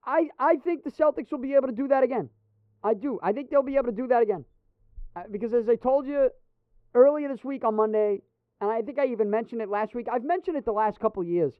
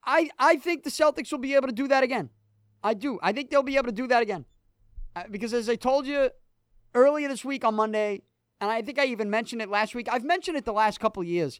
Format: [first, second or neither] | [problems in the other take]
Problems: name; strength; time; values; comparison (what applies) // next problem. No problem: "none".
second | muffled; very; fading above 3 kHz